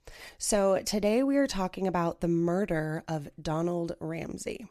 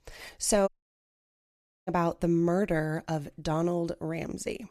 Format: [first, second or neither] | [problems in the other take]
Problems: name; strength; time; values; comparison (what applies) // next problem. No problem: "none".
first | audio cutting out; at 0.5 s for 1 s